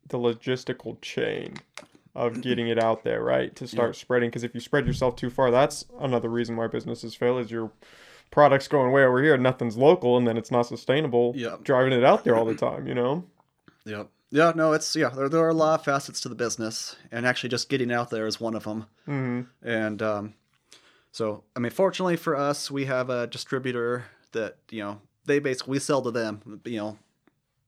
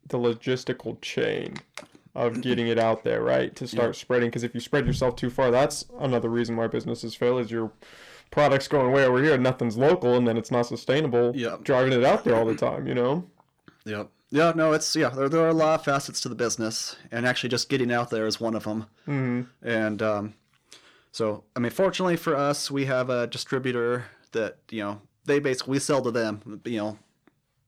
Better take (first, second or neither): first